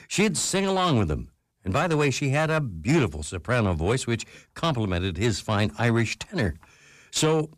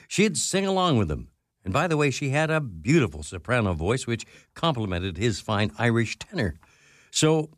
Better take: second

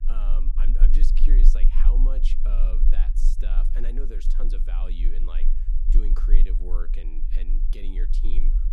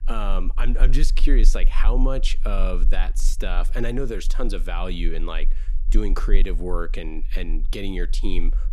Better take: second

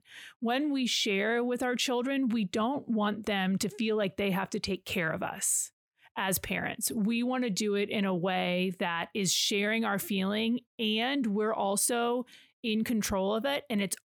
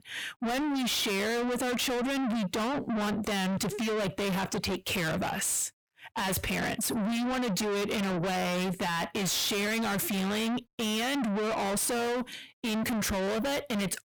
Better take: first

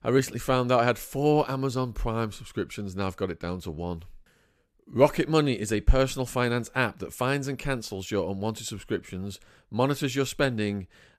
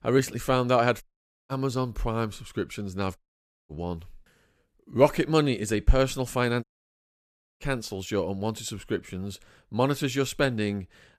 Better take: first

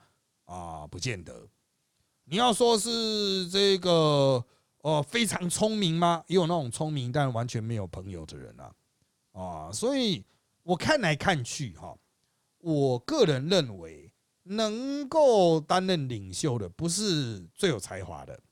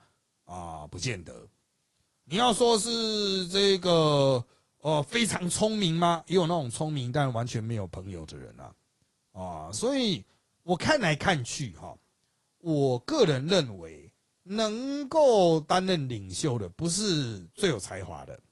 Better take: first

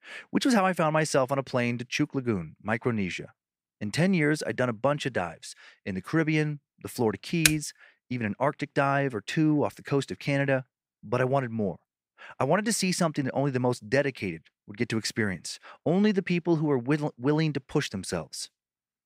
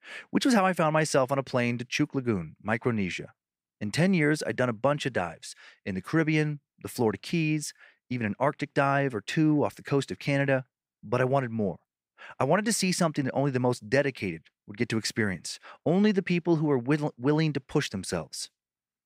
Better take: second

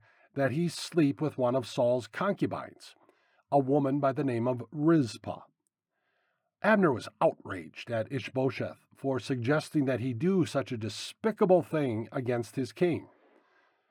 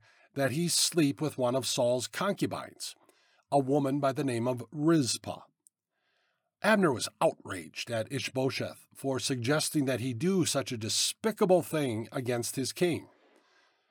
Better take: second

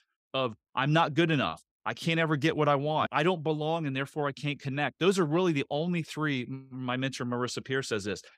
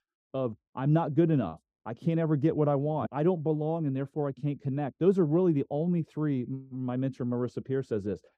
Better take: first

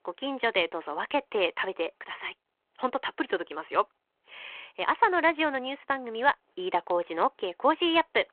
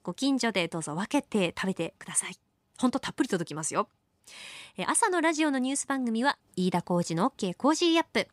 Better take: second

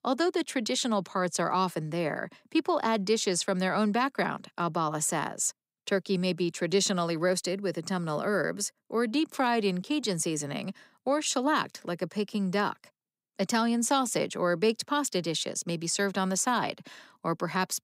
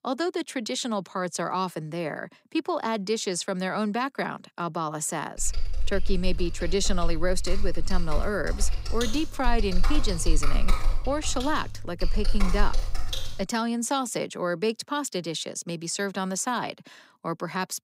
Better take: first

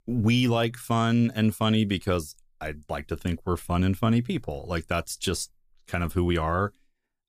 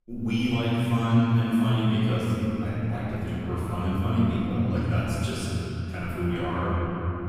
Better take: first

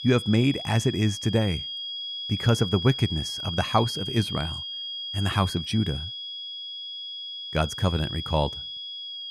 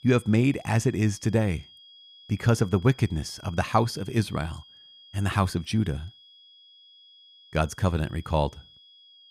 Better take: second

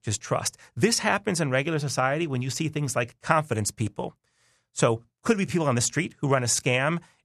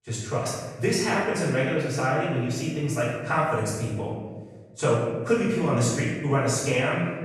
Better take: first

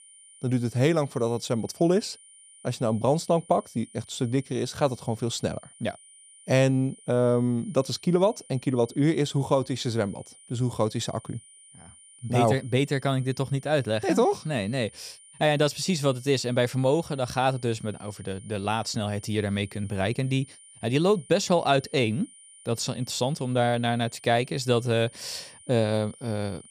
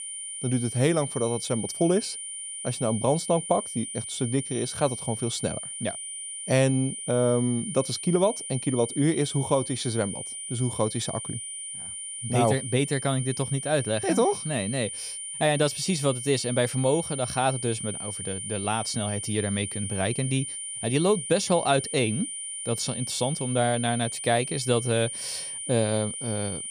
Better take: first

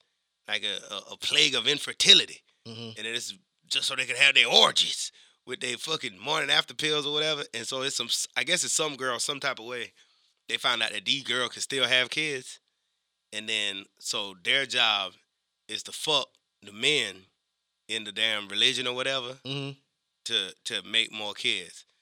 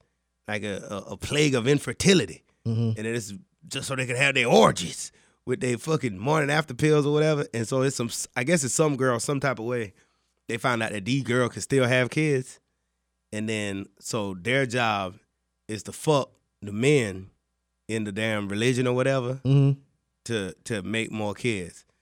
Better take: second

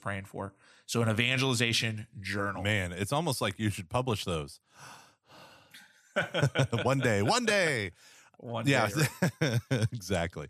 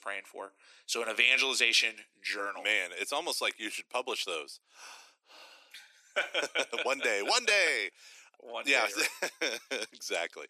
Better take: first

